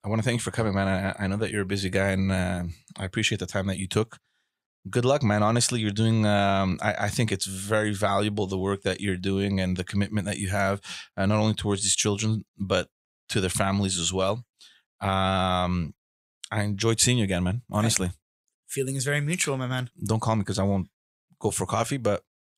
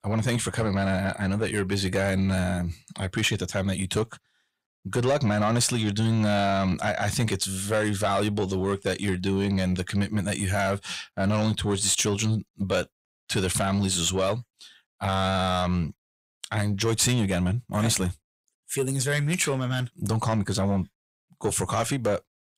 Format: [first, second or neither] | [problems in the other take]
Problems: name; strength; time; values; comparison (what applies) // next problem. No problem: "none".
first | distortion; slight; 10 dB below the speech